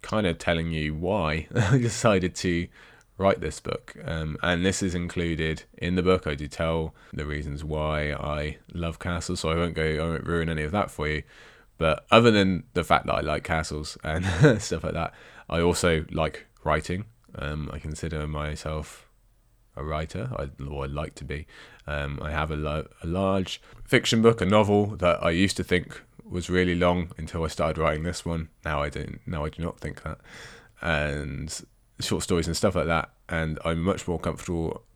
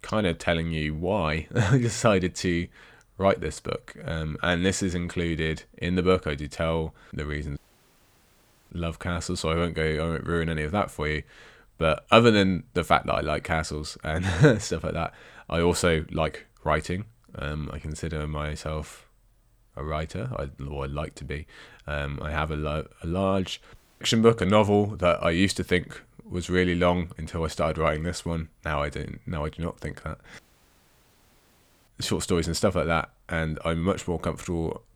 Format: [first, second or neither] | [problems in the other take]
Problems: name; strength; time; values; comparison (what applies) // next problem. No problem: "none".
first | audio cutting out; at 7.5 s for 1 s, at 24 s and at 30 s for 1.5 s